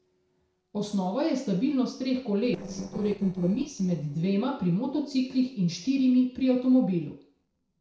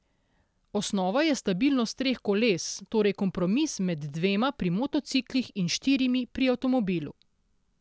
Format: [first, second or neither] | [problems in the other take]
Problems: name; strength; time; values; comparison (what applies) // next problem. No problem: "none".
second | noise reduction (neural separator model SepFormer DNS4)